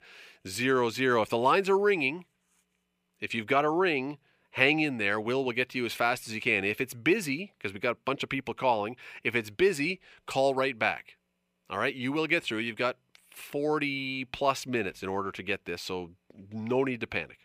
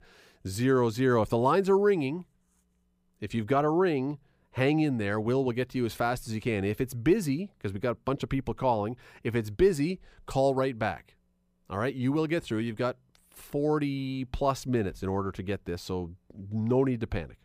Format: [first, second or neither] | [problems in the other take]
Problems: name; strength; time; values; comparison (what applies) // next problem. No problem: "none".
second | thin; very slightly; fading below 400 Hz